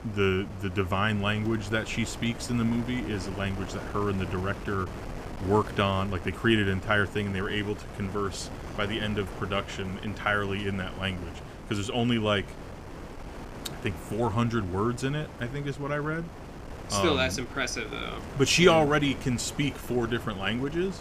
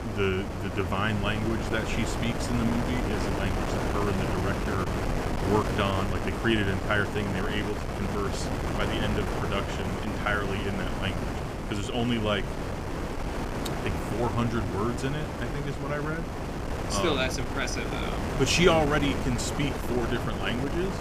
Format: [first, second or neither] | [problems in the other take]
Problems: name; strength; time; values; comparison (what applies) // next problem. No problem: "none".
first | wind noise on the microphone; heavy; 3 dB below the speech; occasional gusts in the first